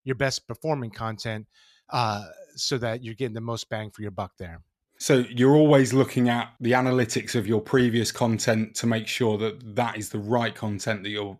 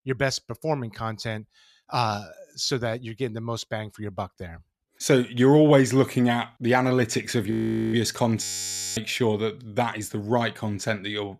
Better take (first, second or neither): first